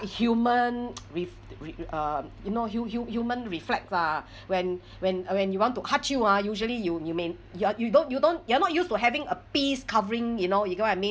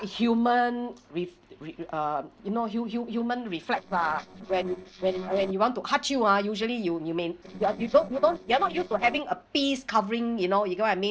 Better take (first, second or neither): first